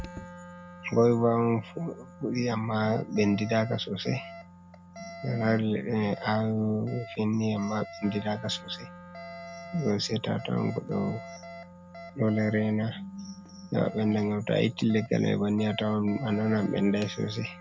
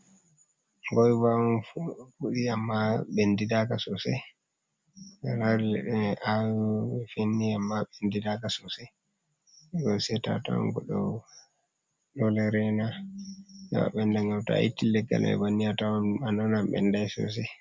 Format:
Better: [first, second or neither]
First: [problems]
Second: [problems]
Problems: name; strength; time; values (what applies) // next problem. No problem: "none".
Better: second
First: background sound (Wind instrument, woodwind instrument + Alarm); 16 dB below the speech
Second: none